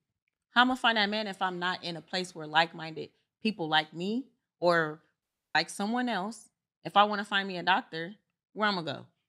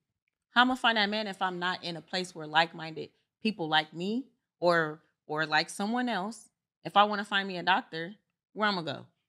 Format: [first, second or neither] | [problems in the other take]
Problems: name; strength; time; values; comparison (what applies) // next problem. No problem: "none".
second | audio cutting out; at 5 s